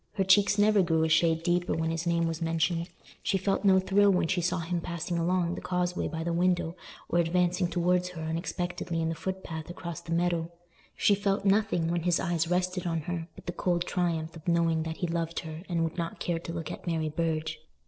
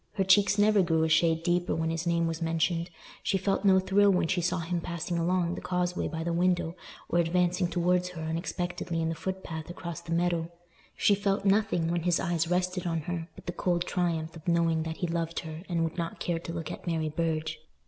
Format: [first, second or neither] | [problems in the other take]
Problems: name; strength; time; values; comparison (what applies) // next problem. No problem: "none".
second | noise reduction (neural separator model SepFormer DNS4)